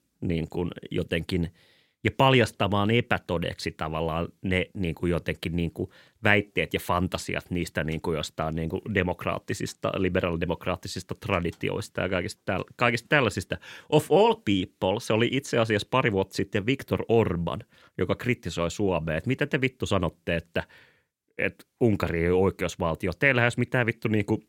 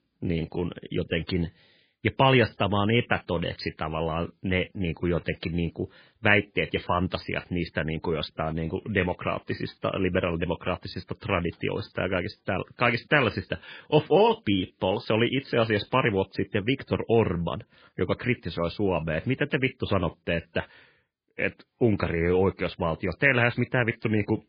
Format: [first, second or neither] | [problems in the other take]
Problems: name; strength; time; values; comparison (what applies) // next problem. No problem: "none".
first | garbled, watery; badly; nothing above 4 kHz